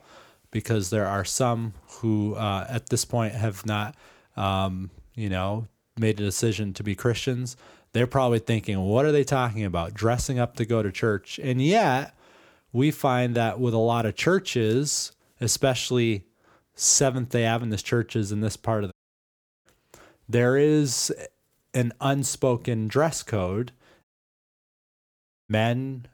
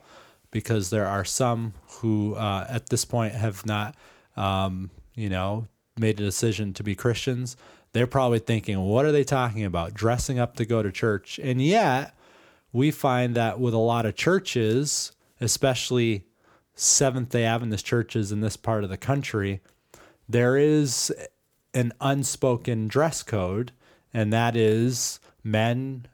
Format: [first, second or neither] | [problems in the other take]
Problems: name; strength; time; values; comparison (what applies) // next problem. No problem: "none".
second | audio cutting out; at 19 s for 0.5 s and at 24 s for 1.5 s